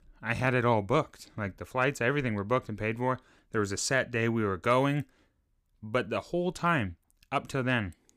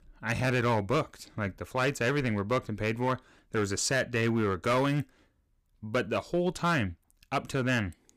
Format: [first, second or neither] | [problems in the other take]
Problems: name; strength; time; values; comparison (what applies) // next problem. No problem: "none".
first | distortion; slight; 6% of the sound clipped